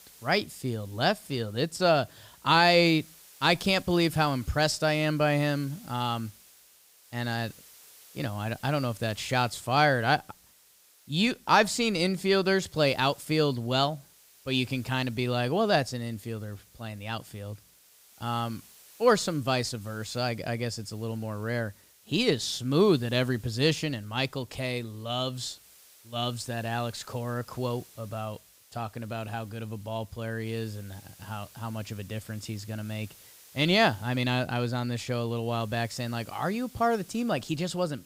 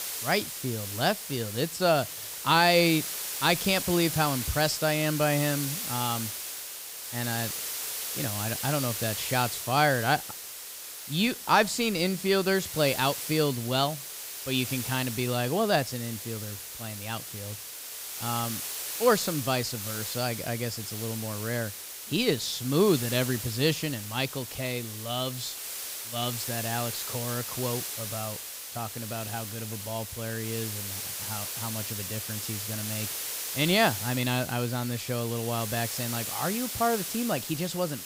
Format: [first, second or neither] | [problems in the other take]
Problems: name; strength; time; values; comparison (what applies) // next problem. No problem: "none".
first | hiss; loud; throughout; 5 dB below the speech; faint in the first